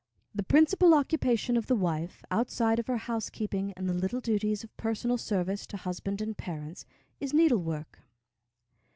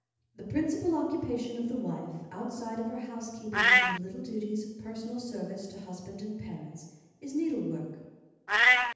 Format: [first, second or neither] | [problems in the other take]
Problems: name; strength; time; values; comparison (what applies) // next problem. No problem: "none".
first | background sound (Meow); 2 dB above the speech // room echo; dies away in 1.1 s